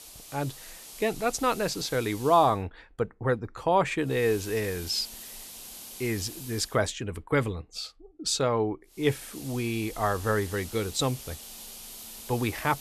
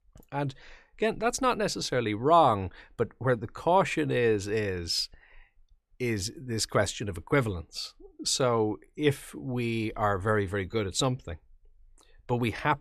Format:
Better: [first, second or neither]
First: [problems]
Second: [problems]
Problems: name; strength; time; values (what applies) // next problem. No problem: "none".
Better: second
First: hiss; noticeable; until 2.5 s, from 4 to 6.5 s and from 9 s on; 15 dB below the speech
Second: none